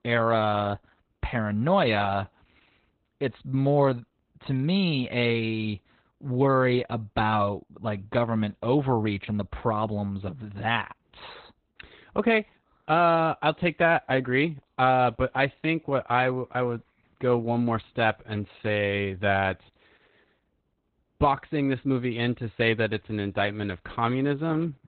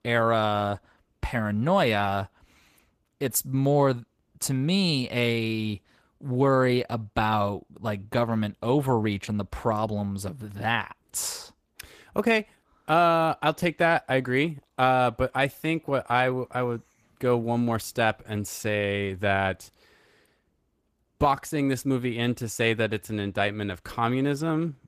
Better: second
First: garbled, watery; badly; nothing above 4 kHz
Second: garbled, watery; slightly; nothing above 14.5 kHz

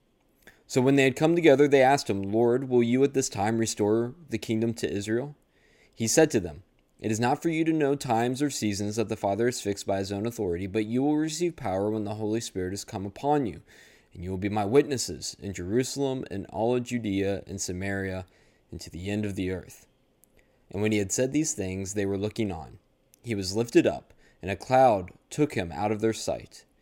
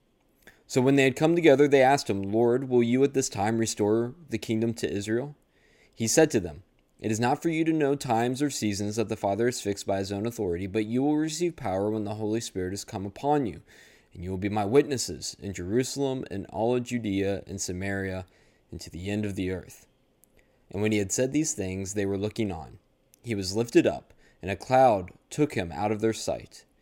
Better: neither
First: none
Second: none

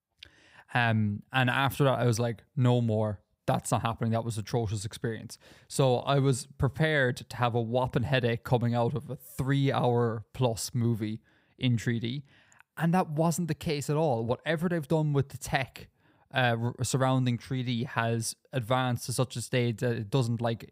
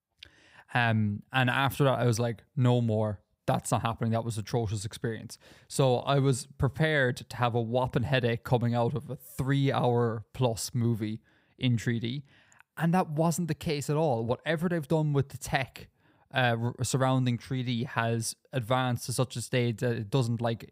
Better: neither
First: none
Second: none

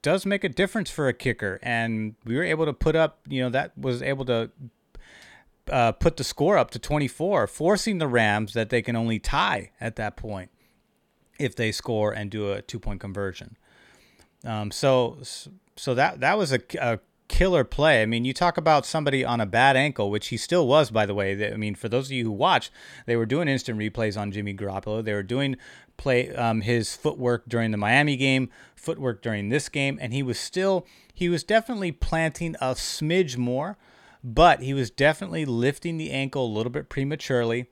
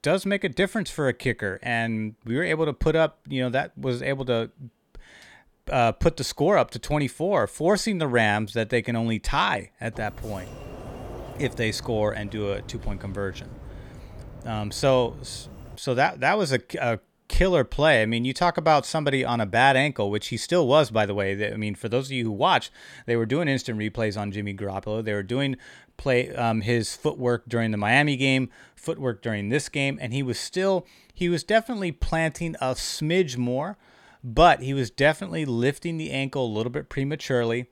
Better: first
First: none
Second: door banging; faint; from 10 to 16 s; peak 15 dB below the speech

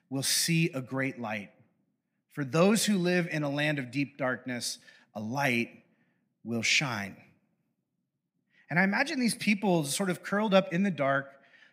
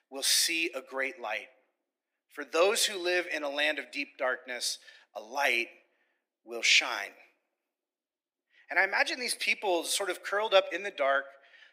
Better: first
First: none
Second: thin; very; fading below 350 Hz

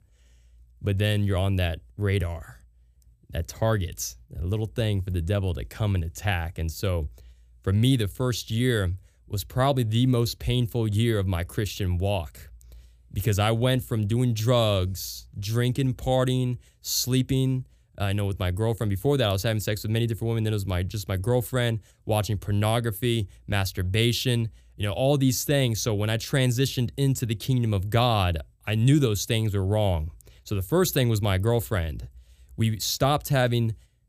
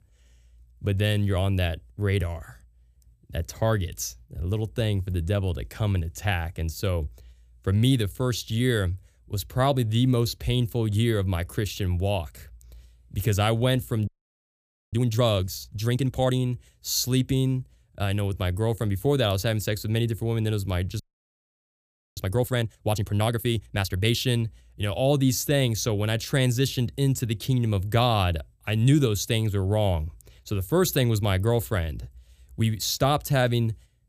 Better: first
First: none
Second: audio freezing; at 14 s for 1 s and at 21 s for 1 s

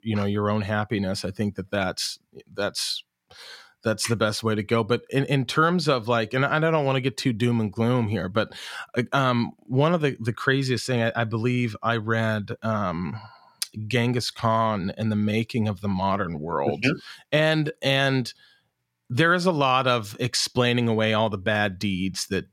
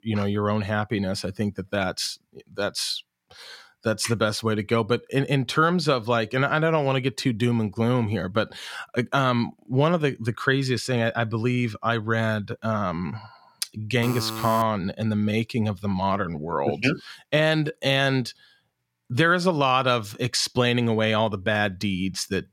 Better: first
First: none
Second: alarm; noticeable; at 14 s; peak 7 dB below the speech

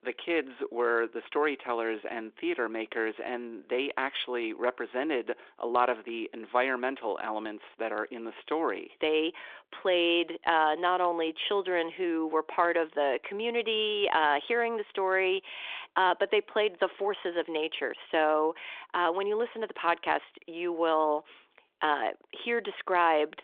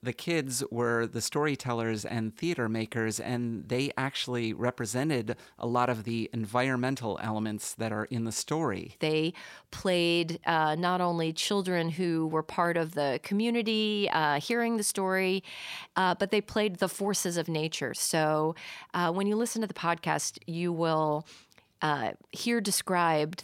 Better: second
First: phone-call audio; nothing above 3.5 kHz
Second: none

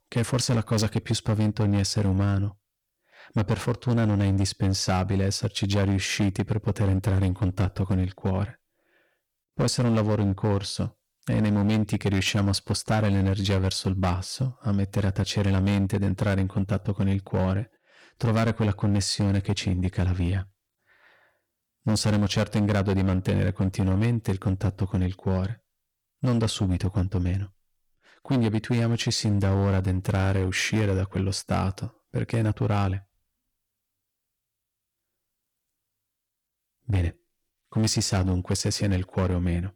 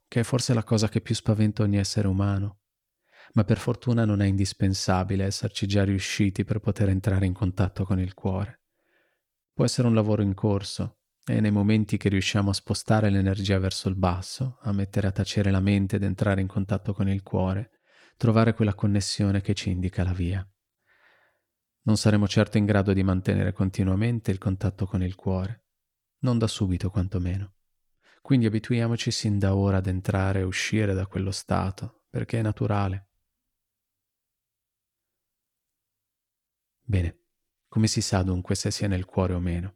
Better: second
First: distortion; slight; 12% of the sound clipped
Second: none

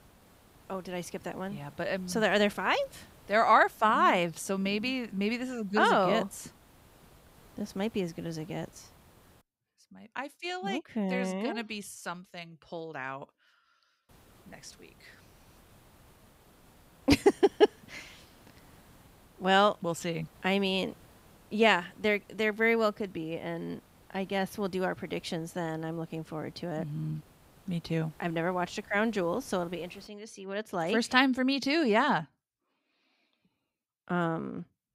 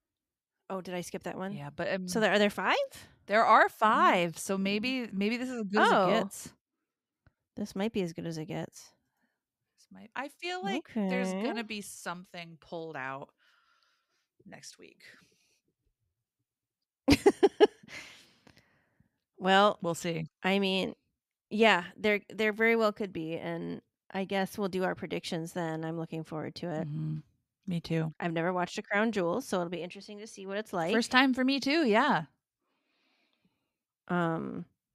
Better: second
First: hiss; faint; until 9.5 s and from 14 to 30 s; 30 dB below the speech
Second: none

